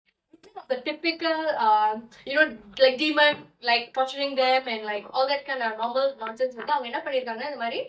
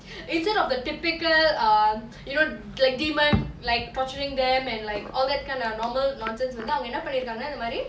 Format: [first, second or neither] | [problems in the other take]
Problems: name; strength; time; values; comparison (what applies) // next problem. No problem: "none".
second | noise reduction (neural mask model DeepFilterNet 3)